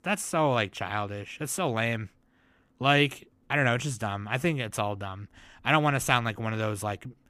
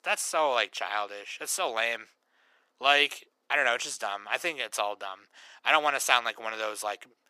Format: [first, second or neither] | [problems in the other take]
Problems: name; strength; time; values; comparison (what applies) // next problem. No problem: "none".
first | thin; very; fading below 500 Hz